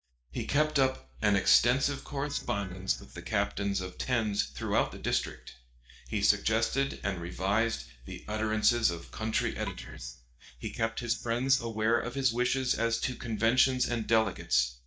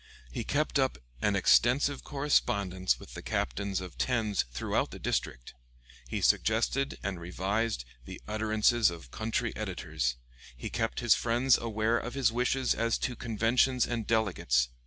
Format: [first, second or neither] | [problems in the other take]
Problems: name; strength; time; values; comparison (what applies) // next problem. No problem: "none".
second | noise reduction (neural mask model DeepFilterNet 3)